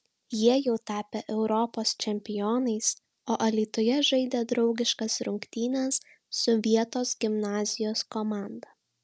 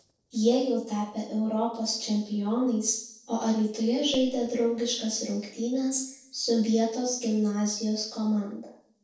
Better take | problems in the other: first | noise reduction (neural separator model SepFormer DNS4)

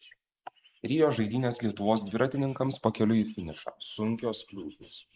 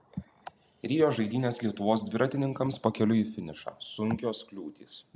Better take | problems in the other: second | noise reduction (neural mask model Resemble Enhance denoiser)

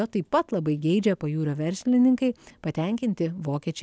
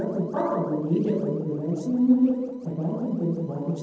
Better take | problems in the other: first | noise reduction (neural separator model SepFormer DNS4)

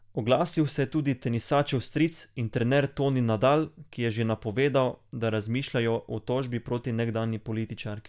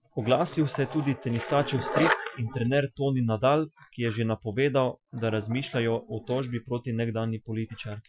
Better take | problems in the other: first | noise reduction (classical method Wiener filter)

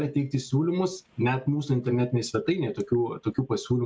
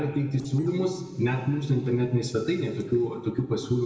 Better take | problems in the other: first | noise reduction (neural separator model SepFormer DNS4)

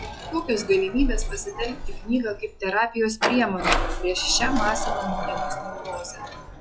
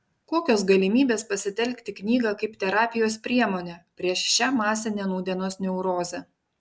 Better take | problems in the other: second | noise reduction (classical method log-MMSE)

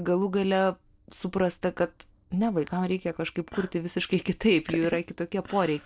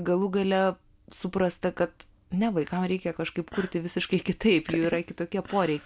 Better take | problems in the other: second | noise reduction (neural separator model SepFormer DNS4)

